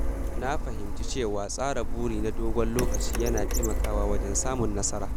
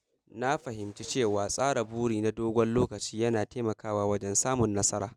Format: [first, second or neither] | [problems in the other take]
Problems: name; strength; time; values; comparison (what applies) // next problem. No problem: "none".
second | background sound (Printer); 3 dB above the speech